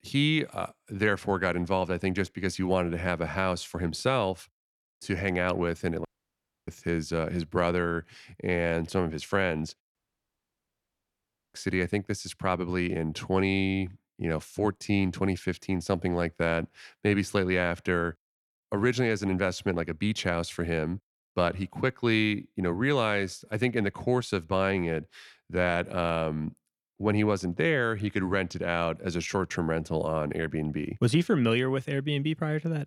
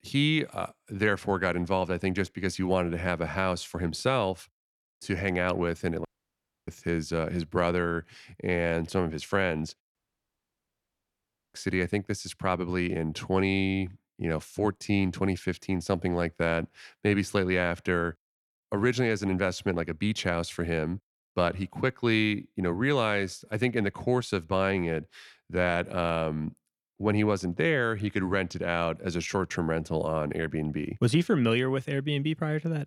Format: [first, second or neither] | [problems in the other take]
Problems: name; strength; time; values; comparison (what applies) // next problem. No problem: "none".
neither | audio cutting out; at 6 s for 0.5 s and at 10 s for 1.5 s; the same in both